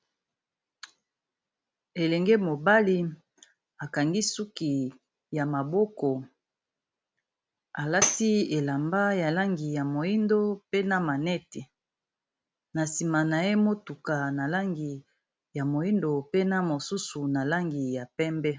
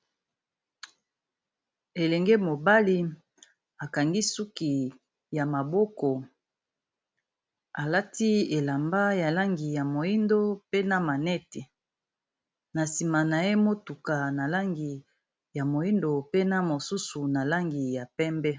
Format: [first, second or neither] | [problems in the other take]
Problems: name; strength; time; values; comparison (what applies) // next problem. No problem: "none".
second | background sound (Tambourine); 4 dB below the speech